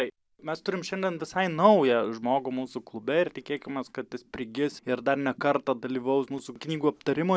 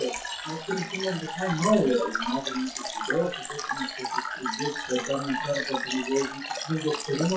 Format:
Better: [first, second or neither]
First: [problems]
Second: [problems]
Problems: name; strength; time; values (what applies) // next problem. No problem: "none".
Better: first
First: none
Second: noise reduction (classical method WPE with log-MMSE)